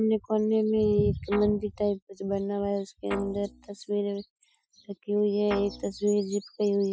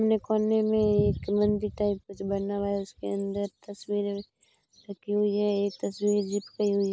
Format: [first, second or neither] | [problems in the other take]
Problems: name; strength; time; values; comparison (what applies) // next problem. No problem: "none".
second | noise reduction (classical method Wiener filter)